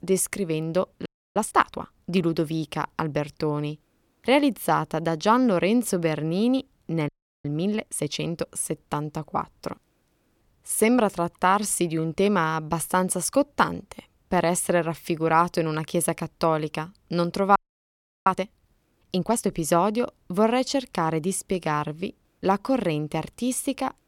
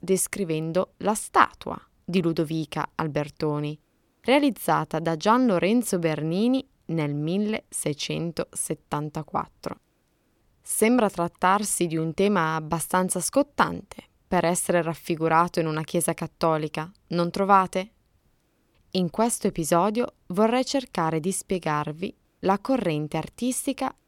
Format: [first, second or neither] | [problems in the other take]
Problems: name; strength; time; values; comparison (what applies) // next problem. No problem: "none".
second | audio freezing; at 1 s, at 7 s and at 18 s for 0.5 s